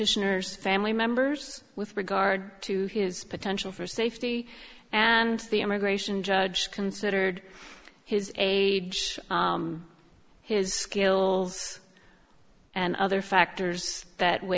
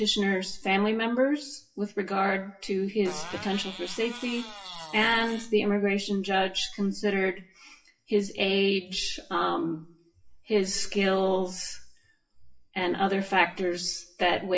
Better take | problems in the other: first | noise reduction (classical method WPE with log-MMSE)

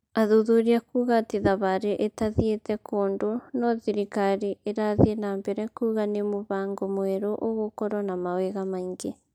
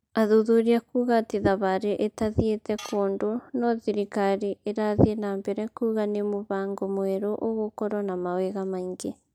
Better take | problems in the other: first | background sound (Tools); 20 dB below the speech

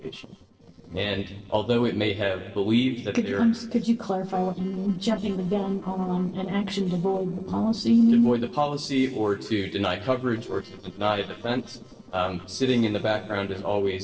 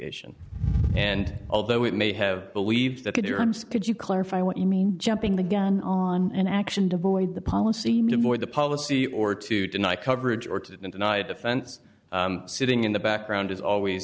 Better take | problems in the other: second | noise reduction (neural separator model SepFormer DNS4)

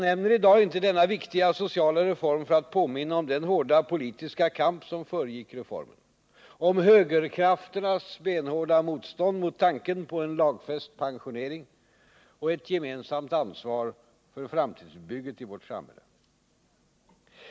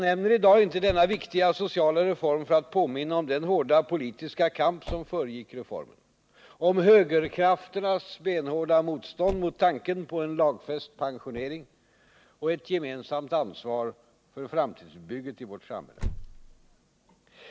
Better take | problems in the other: first | background sound (Motor vehicle (road)); 19 dB below the speech

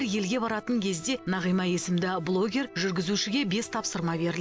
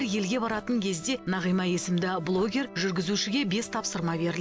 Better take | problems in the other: first | background sound (Wind instrument, woodwind instrument + Dog); 19 dB below the speech

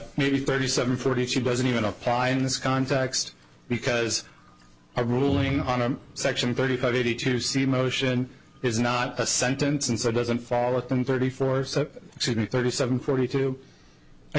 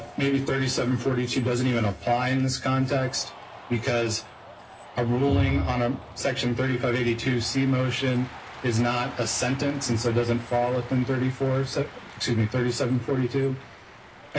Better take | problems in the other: first | background sound (Cheering); 18 dB below the speech // room echo; dies away in 0.4 s

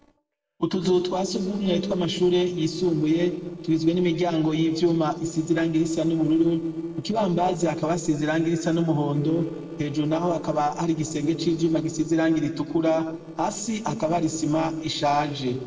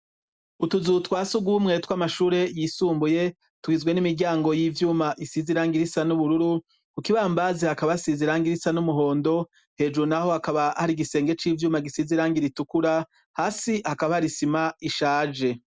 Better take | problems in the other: second | noise reduction (neural separator model SepFormer DNS4)

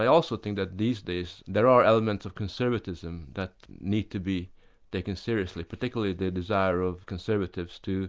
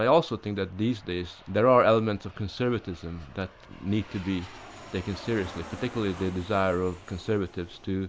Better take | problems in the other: first | background sound (Aircraft); 19 dB below the speech

